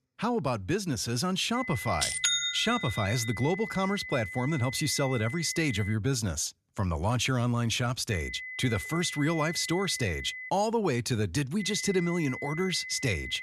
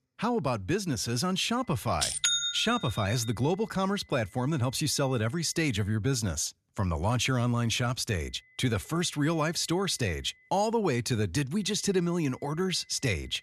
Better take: second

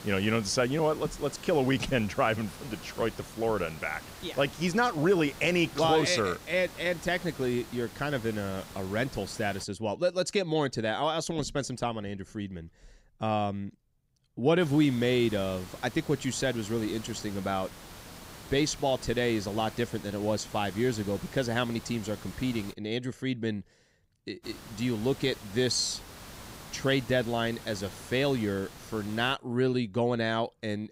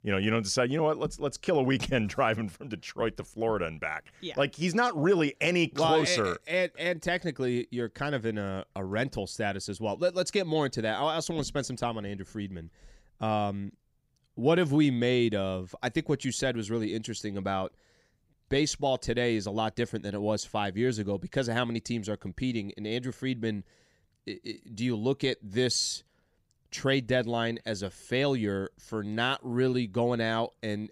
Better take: second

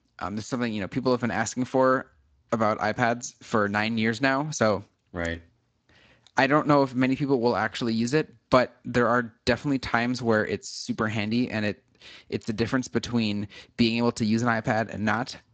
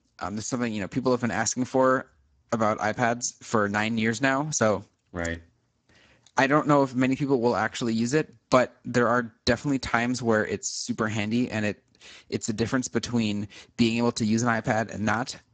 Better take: first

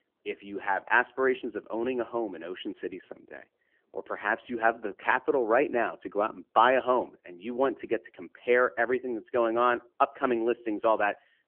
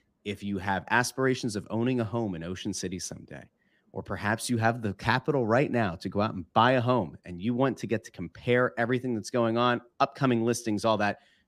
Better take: second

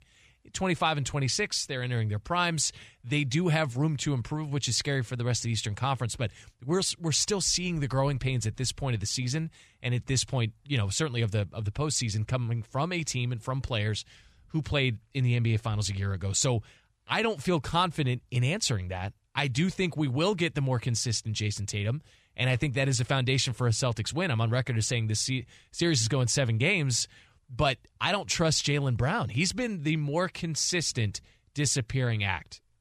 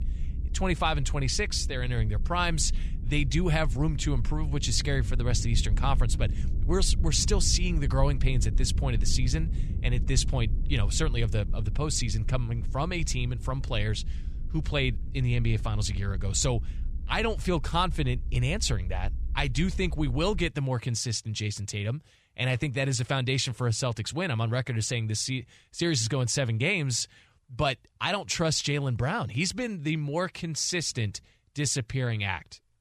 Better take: first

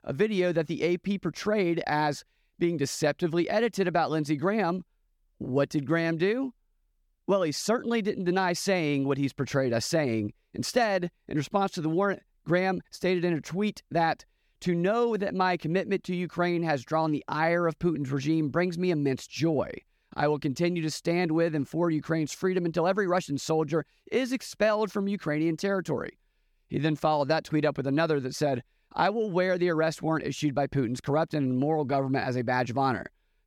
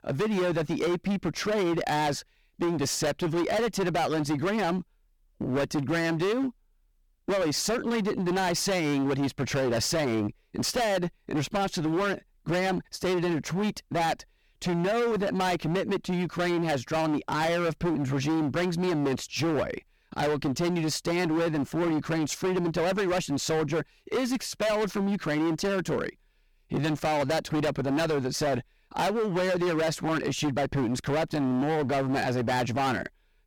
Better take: first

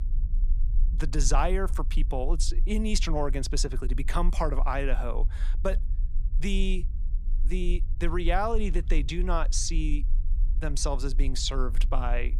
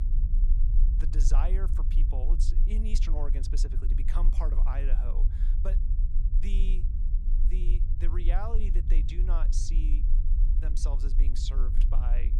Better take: first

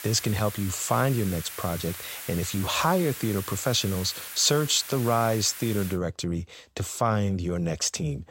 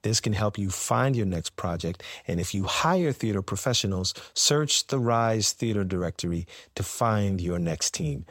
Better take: second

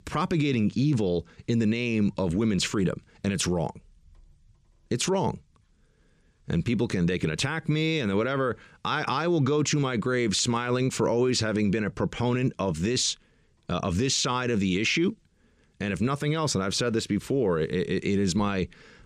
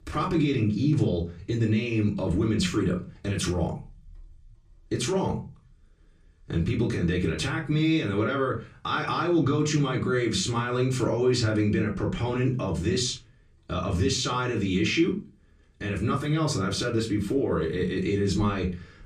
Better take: first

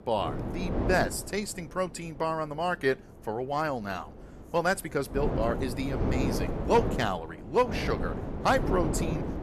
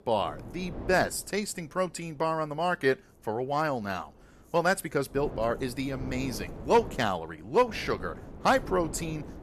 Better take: second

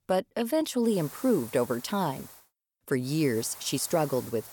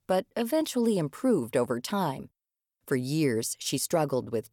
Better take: second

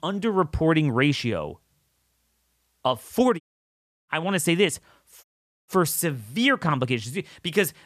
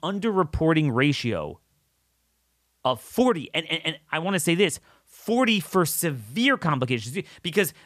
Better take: second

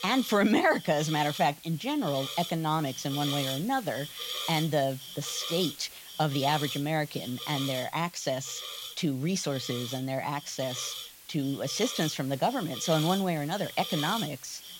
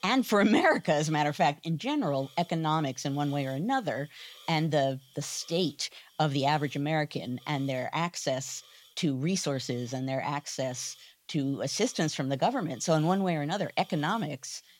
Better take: second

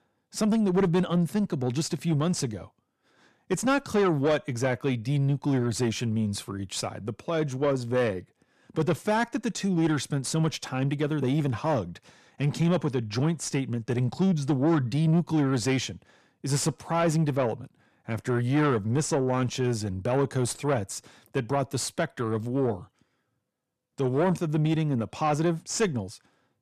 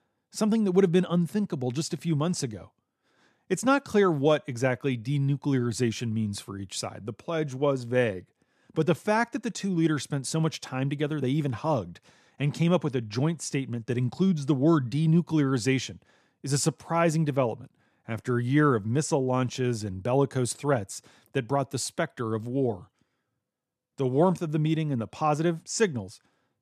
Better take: second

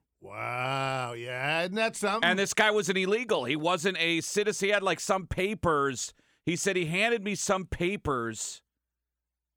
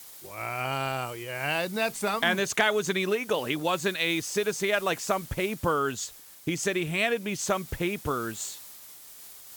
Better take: first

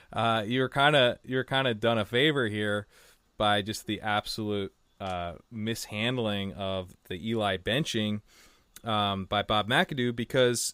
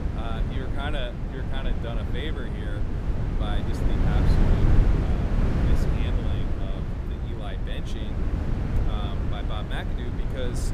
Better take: first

